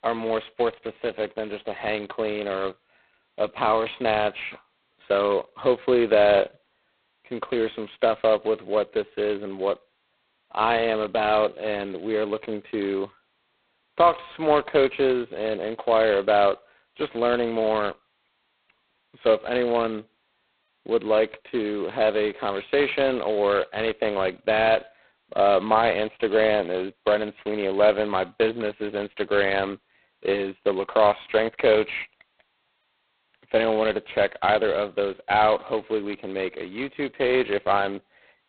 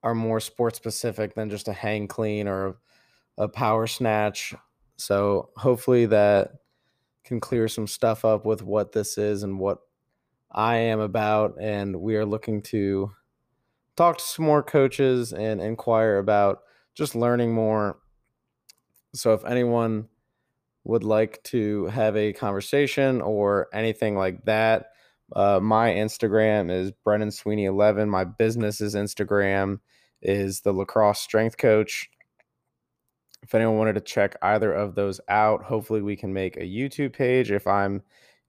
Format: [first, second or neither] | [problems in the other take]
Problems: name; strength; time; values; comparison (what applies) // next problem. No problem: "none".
second | phone-call audio; poor line; nothing above 4 kHz